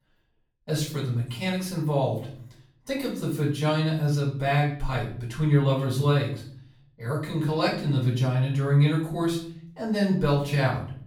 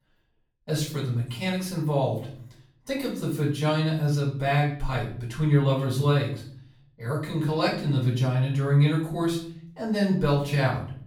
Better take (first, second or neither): neither